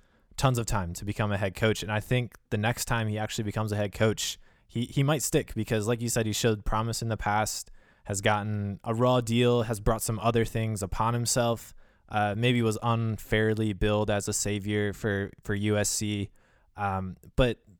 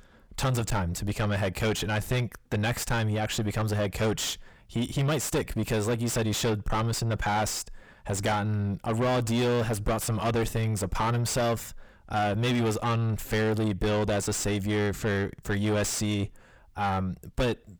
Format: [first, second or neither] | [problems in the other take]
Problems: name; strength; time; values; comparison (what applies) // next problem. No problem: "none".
first | distortion; heavy; 5 dB below the speech